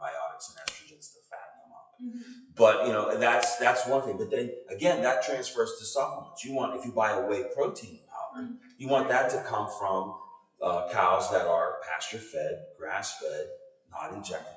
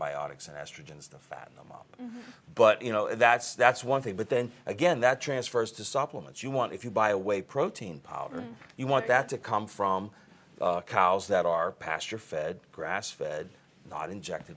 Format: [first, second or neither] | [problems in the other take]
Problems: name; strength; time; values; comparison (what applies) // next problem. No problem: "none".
second | noise reduction (classical method WPE with log-MMSE)